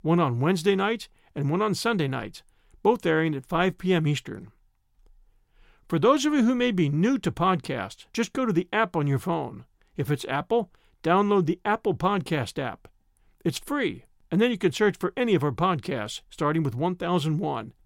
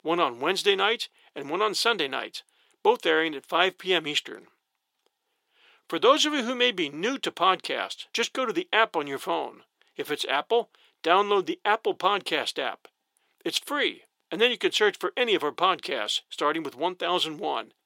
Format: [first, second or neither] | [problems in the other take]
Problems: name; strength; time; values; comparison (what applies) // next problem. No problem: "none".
first | thin; very; fading below 400 Hz